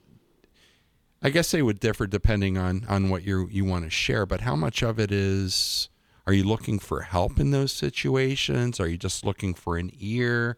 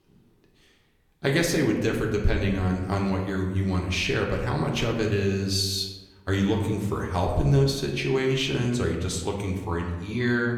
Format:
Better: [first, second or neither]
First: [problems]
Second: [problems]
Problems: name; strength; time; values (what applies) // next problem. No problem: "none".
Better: first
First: none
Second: room echo; slight; dies away in 1 s // off-mic speech; somewhat distant